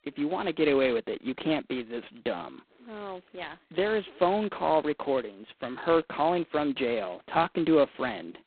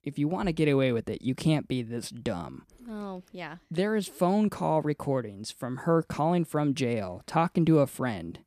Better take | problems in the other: second | phone-call audio; poor line; nothing above 4 kHz

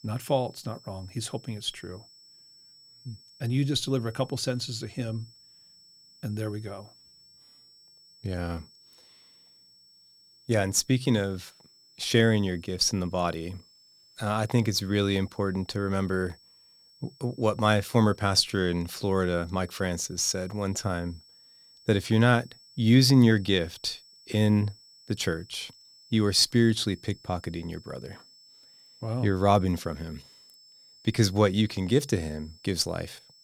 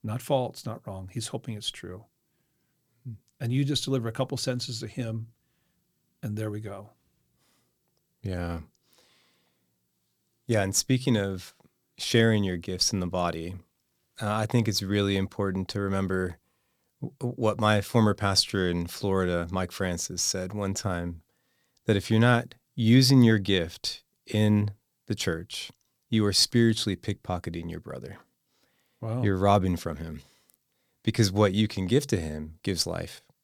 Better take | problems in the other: second | high-pitched whine; faint; throughout; 5.5 kHz, 25 dB below the speech

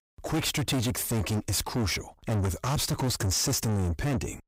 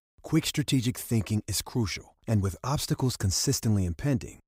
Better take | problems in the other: second | distortion; heavy; 6 dB below the speech

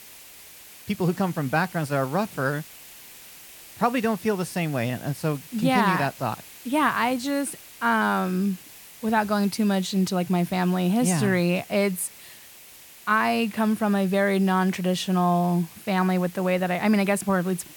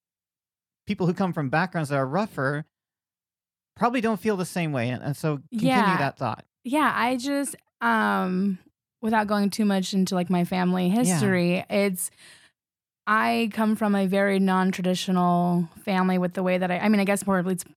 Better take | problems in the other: second | hiss; noticeable; throughout; 20 dB below the speech

